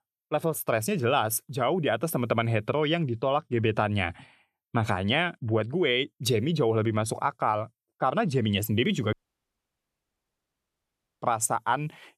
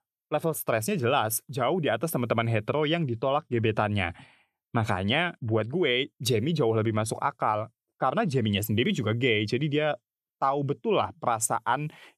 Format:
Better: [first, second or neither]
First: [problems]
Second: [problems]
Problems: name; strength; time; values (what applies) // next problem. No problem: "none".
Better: second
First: audio cutting out; at 9 s for 2 s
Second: none